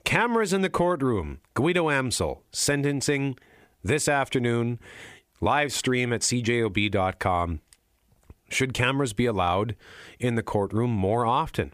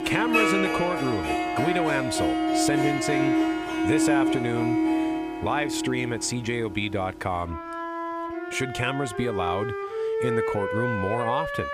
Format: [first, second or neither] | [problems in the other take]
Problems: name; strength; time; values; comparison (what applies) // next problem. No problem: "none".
first | background music; very loud; throughout; 2 dB above the speech